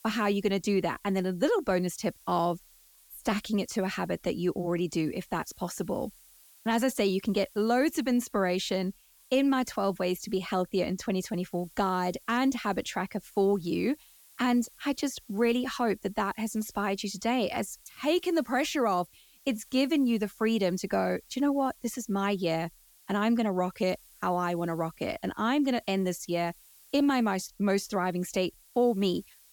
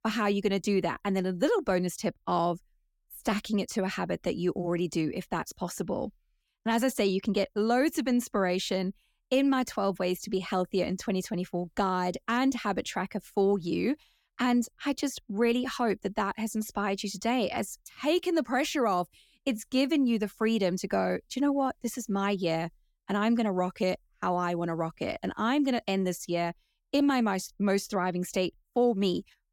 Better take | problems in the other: second | hiss; faint; throughout; 25 dB below the speech

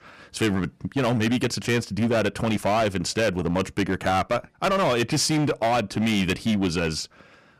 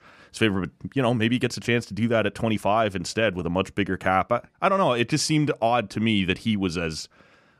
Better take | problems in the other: second | distortion; heavy; 16% of the sound clipped

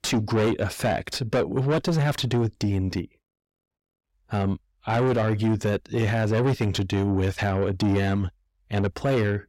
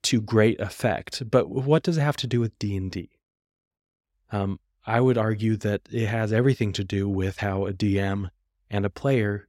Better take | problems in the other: second | distortion; heavy; 7 dB below the speech

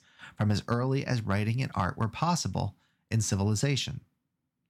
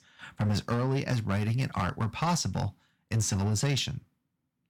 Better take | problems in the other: first | distortion; slight; 7% of the sound clipped

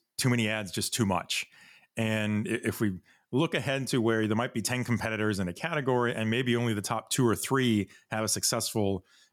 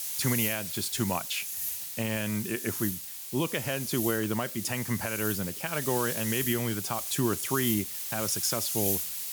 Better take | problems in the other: first | hiss; loud; throughout; 1 dB below the speech

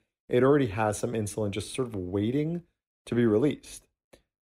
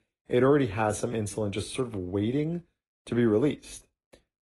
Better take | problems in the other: first | garbled, watery; slightly; nothing above 11 kHz

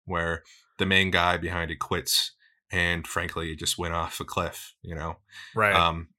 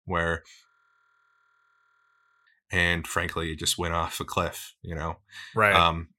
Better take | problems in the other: first | audio freezing; at 0.5 s for 2 s

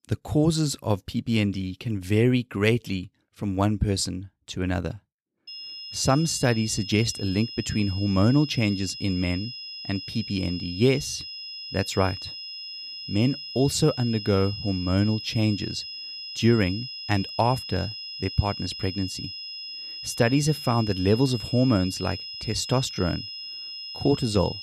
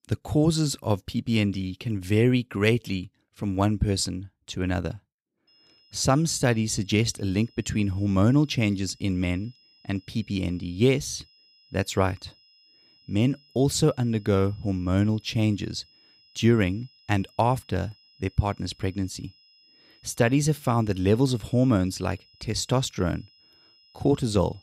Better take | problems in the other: second | high-pitched whine; loud; from 5.5 s on; 5 kHz, 9 dB below the speech; faint in the second

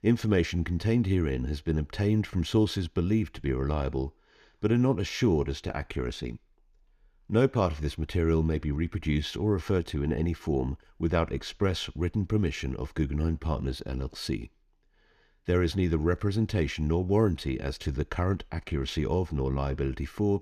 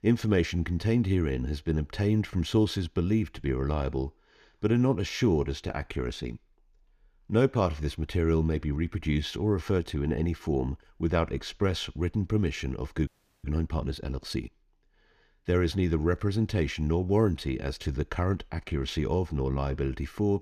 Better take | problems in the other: first | audio freezing; at 13 s

